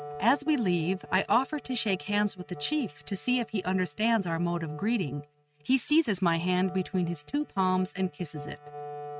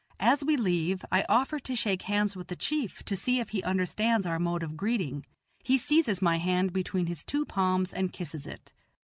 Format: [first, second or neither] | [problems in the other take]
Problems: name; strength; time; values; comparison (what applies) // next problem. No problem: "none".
second | noise reduction (neural mask model RNNoise)